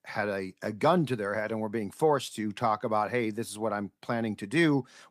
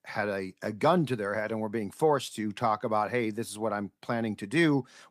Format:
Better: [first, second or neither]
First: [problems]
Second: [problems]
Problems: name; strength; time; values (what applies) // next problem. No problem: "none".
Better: neither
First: none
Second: none